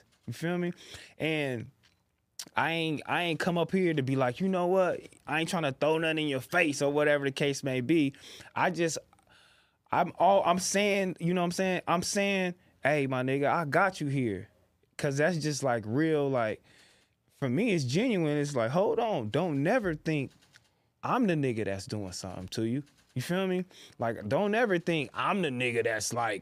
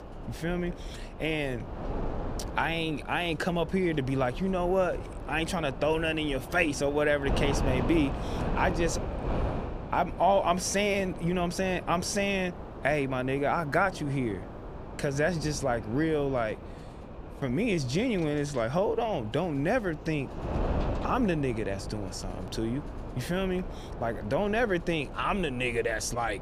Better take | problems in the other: first | wind noise on the microphone; occasional gusts; 10 dB below the speech

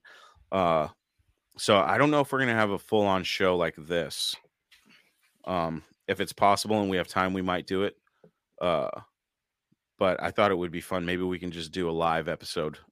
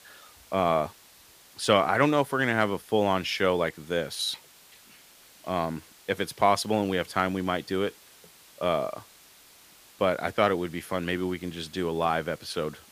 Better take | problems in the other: first | hiss; faint; throughout; 25 dB below the speech

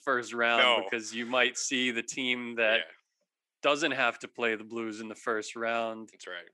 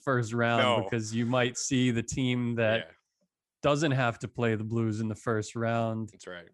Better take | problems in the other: second | thin; somewhat; fading below 300 Hz

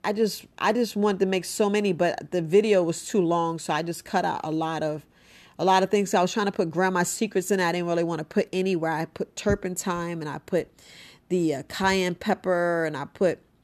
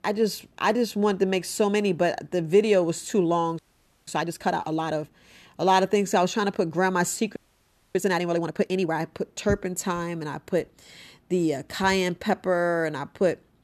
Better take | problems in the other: first | audio freezing; at 3.5 s and at 7.5 s for 0.5 s

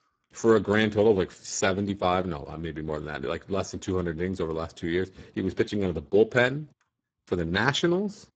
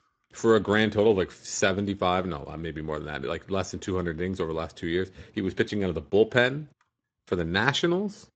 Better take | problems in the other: second | garbled, watery; badly; nothing above 7.5 kHz; slightly in the second

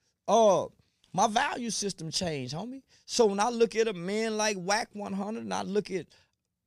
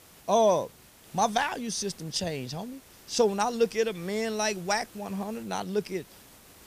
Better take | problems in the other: first | hiss; faint; throughout; 25 dB below the speech

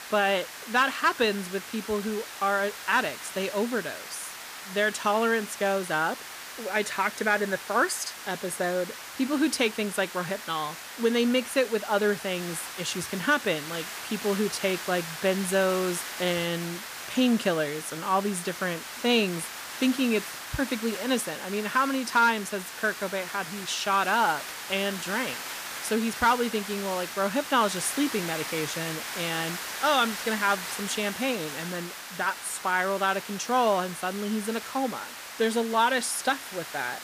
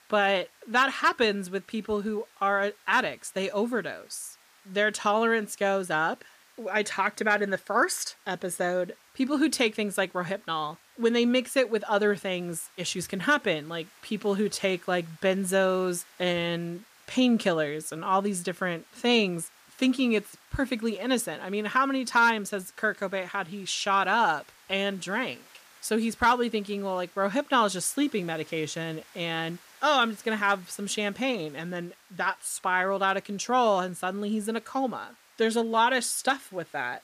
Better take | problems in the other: second | hiss; loud; throughout; 9 dB below the speech; faint in the second

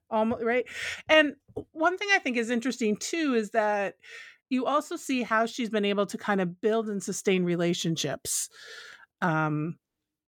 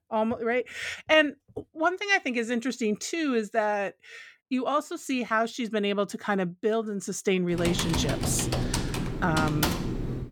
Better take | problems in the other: first | keyboard typing; loud; from 7.5 s on; peak level with the speech

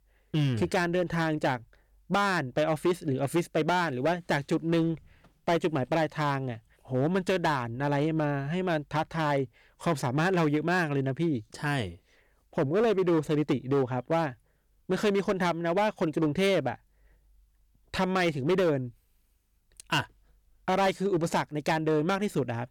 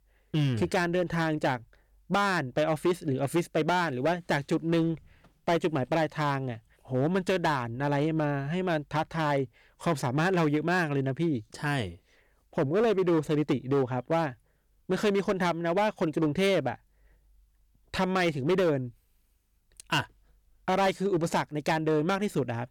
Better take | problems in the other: neither | distortion; slight; 7% of the sound clipped; the same in both

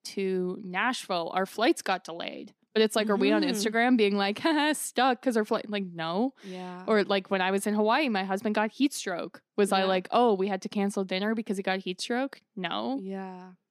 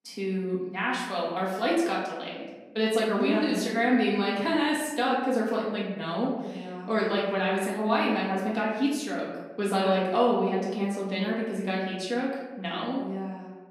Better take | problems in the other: first | room echo; noticeable; dies away in 1.1 s // off-mic speech; far

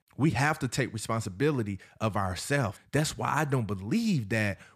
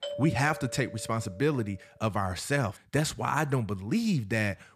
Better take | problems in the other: first | doorbell; noticeable; until 1.5 s; peak 7 dB below the speech

